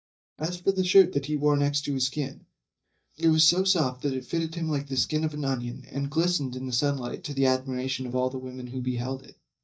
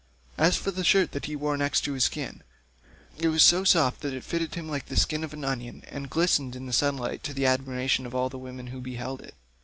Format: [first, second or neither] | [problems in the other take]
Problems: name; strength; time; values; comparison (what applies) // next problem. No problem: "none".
second | noise reduction (neural mask model DeepFilterNet 3)